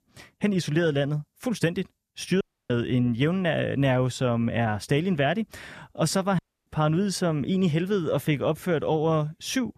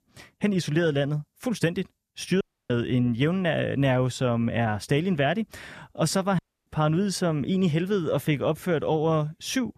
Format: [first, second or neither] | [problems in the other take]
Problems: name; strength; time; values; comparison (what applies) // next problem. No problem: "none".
neither | audio cutting out; at 2.5 s and at 6.5 s; the same in both